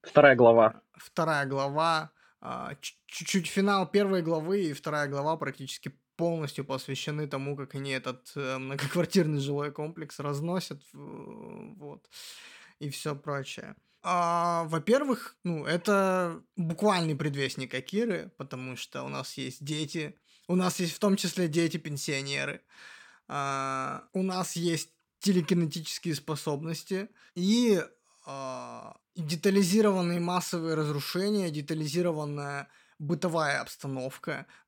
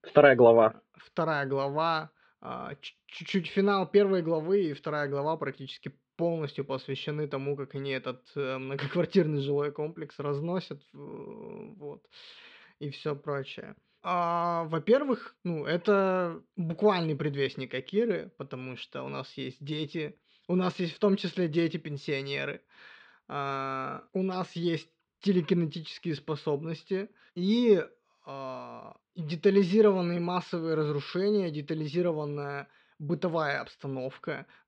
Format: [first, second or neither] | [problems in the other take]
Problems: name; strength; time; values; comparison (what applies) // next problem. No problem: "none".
first | muffled; slightly; fading above 4 kHz